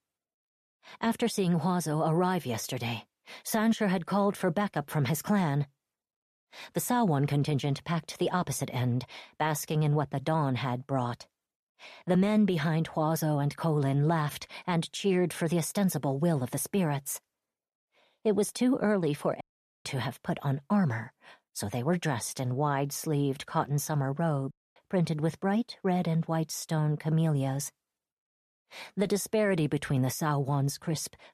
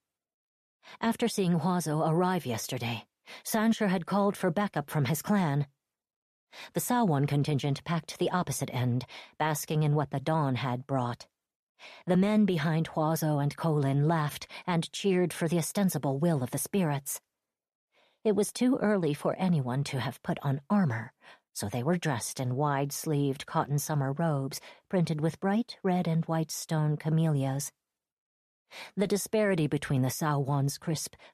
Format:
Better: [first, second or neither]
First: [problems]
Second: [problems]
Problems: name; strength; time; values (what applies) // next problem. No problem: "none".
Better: second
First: audio cutting out; at 19 s and at 25 s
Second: none